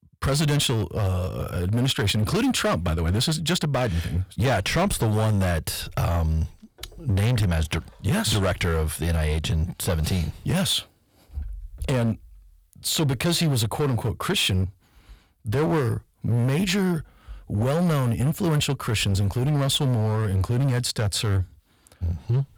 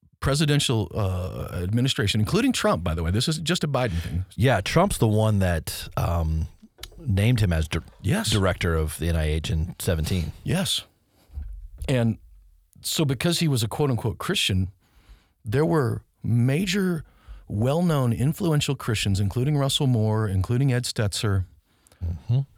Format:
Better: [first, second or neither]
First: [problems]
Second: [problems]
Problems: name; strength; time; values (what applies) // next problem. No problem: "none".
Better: second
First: distortion; slight; 14% of the sound clipped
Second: none